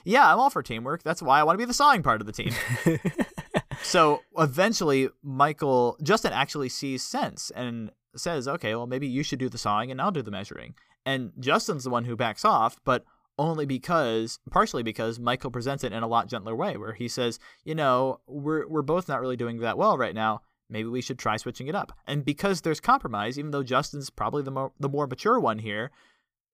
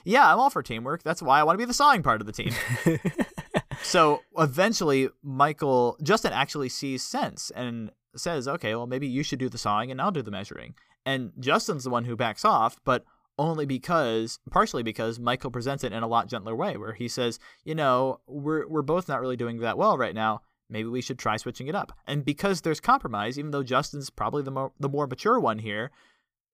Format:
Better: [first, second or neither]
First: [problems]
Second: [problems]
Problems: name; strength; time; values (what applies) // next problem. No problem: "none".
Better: neither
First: none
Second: none